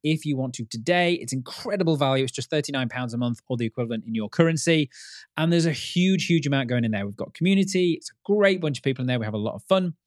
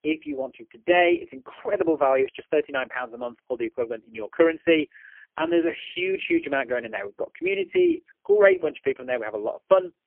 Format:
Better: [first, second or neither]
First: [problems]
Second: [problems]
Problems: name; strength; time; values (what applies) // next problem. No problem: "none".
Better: first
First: none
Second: phone-call audio; poor line; nothing above 3 kHz